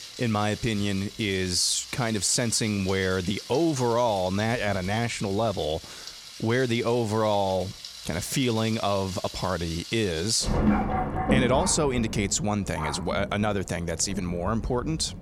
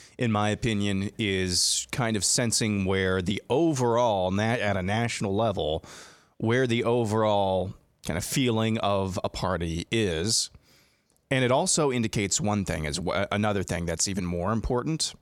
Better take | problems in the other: second | rain or running water; loud; throughout; 8 dB below the speech

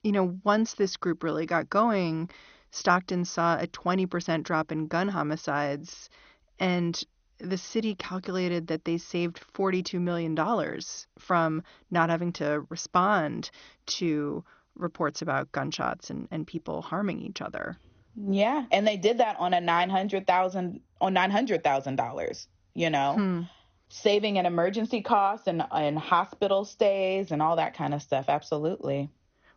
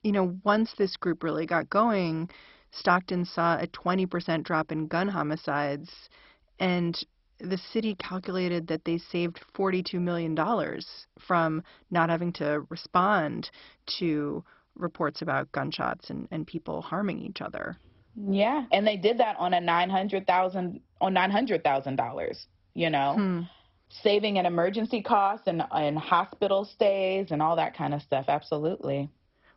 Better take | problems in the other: first | garbled, watery; badly; nothing above 5.5 kHz; slightly in the first

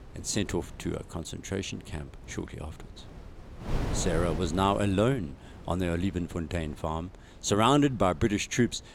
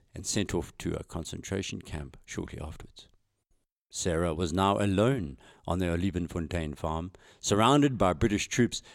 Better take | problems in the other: second | wind noise on the microphone; occasional gusts; 15 dB below the speech

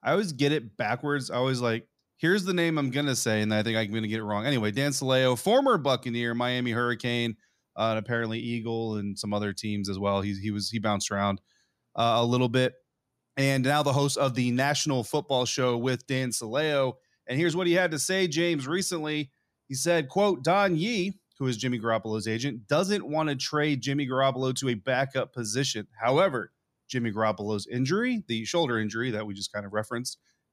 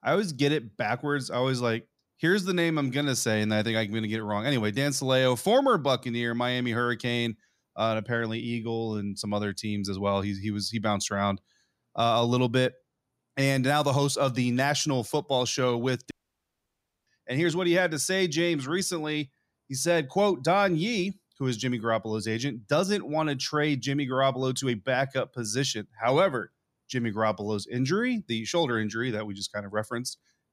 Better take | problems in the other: first | audio cutting out; at 16 s for 1 s

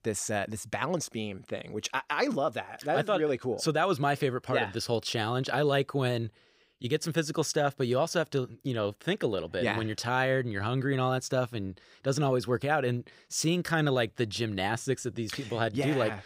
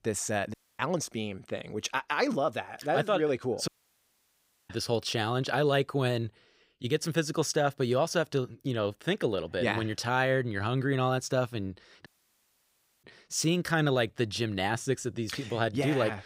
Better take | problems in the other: first | audio cutting out; at 0.5 s, at 3.5 s for 1 s and at 12 s for 1 s

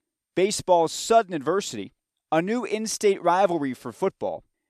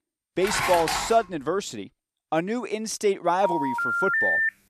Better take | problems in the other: first | clattering dishes; loud; at 0.5 s; peak 1 dB above the speech // phone ringing; loud; from 3.5 s on; peak 5 dB above the speech

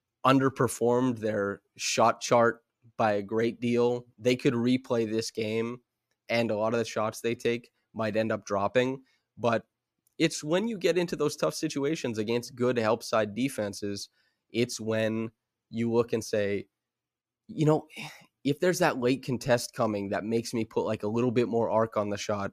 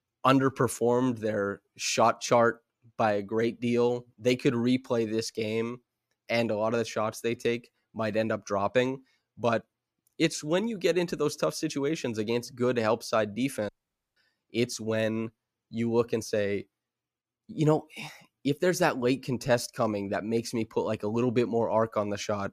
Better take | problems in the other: first | audio cutting out; at 14 s

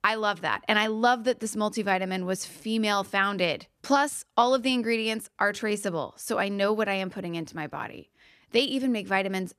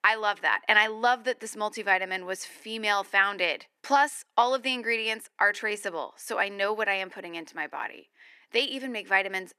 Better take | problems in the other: first | thin; somewhat; fading below 300 Hz

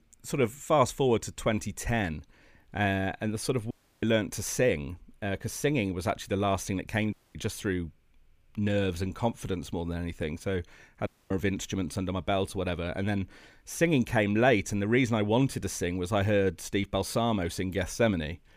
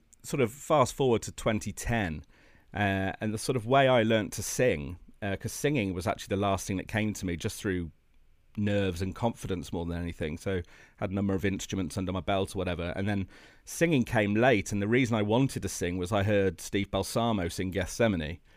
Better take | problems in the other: second | audio cutting out; at 3.5 s, at 7 s and at 11 s

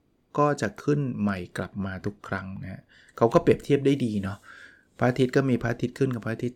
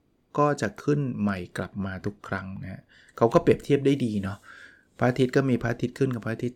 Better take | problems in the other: neither | none

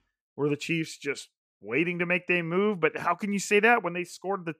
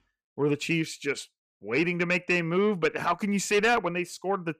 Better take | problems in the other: first | distortion; slight; 10 dB below the speech

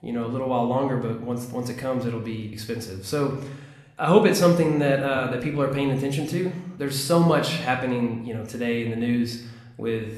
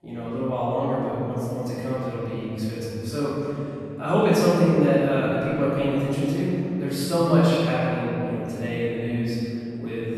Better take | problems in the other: first | room echo; strong; dies away in 3 s; slight in the first // off-mic speech; far

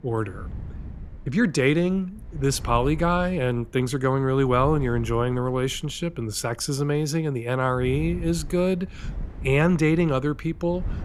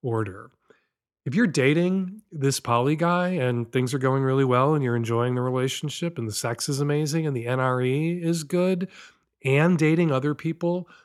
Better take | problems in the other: second | wind noise on the microphone; occasional gusts; 25 dB below the speech

